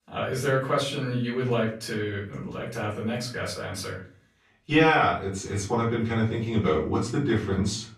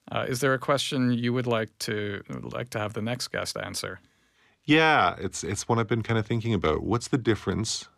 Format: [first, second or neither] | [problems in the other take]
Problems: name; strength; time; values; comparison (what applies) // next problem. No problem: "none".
second | off-mic speech; far // room echo; slight; dies away in 0.4 s